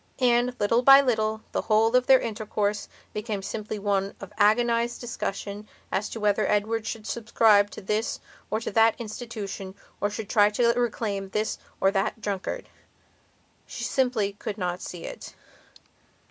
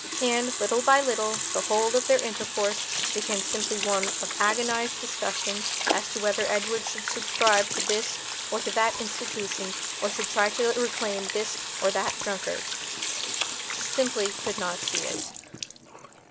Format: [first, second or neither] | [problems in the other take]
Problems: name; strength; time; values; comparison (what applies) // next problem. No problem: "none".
first | background sound (Sink (filling or washing) / Water tap, faucet); 2 dB below the speech